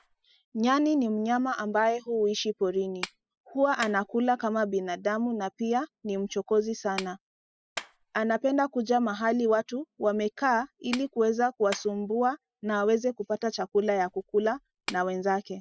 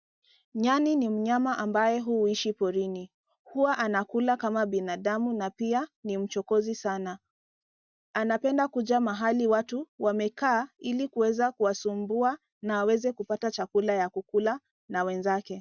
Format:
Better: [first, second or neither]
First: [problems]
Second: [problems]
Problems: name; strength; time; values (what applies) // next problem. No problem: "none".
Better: second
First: noise reduction (classical method spectral subtraction)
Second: none